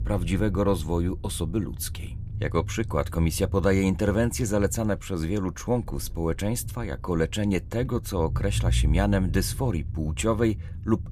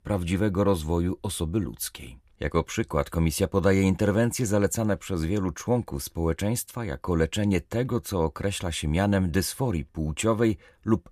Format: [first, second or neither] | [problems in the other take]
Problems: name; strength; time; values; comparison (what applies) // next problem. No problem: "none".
second | low rumble; noticeable; throughout; 20 dB below the speech